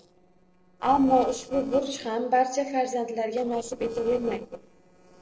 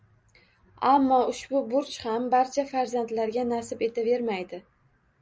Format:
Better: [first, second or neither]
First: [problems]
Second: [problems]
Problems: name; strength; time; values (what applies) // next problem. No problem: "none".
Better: second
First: noise reduction (neural separator model SepFormer DNS4)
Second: none